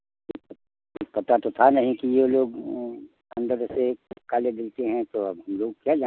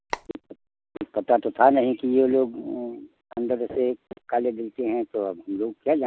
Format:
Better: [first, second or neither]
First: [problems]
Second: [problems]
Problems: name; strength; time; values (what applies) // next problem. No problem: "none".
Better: first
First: none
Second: background sound (Telephone); 10 dB below the speech